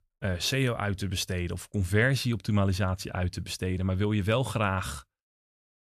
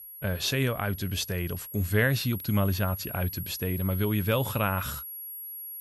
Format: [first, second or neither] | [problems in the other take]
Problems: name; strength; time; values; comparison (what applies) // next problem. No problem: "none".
first | high-pitched whine; loud; throughout; 11.5 kHz, 9 dB below the speech